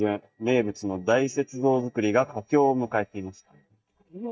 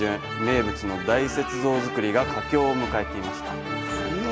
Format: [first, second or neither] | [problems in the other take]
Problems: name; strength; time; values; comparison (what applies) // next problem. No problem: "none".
second | noise reduction (neural mask model DeepFilterNet 3)